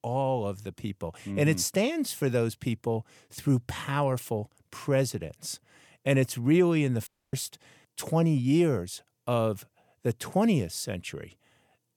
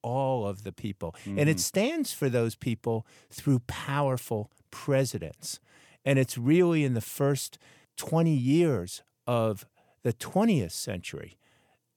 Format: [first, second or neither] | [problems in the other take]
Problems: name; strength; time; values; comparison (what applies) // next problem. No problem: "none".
second | audio cutting out; at 7 s